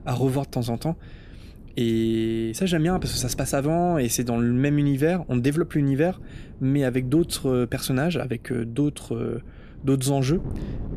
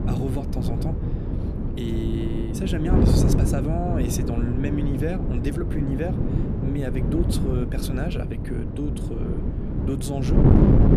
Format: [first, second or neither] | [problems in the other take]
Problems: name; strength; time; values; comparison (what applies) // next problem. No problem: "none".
first | wind noise on the microphone; heavy; 1 dB above the speech; occasional gusts in the first